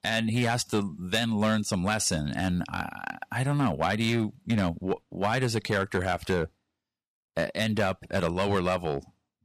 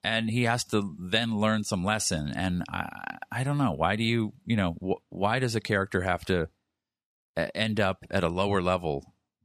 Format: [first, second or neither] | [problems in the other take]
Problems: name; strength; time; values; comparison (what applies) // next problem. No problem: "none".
second | distortion; slight; 4% of the sound clipped